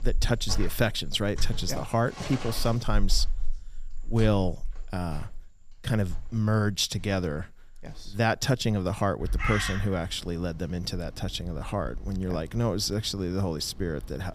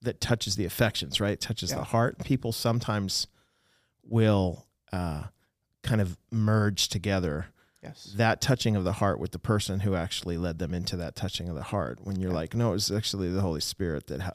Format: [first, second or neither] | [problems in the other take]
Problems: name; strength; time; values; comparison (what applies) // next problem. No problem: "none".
second | animal sounds; loud; throughout; 9 dB below the speech